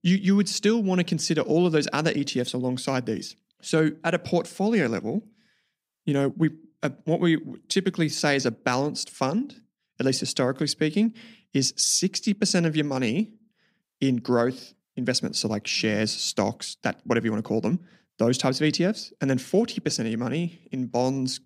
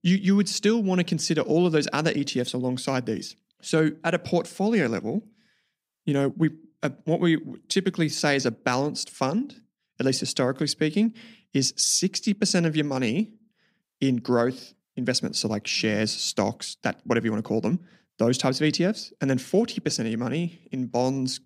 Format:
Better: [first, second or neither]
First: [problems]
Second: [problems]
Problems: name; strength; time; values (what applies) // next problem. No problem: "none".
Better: neither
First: none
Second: none